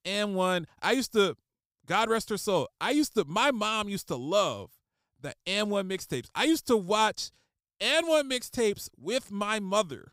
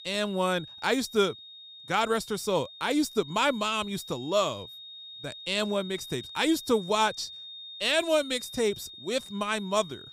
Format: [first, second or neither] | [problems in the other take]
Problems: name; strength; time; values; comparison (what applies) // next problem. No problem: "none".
first | high-pitched whine; noticeable; throughout; 3.5 kHz, 15 dB below the speech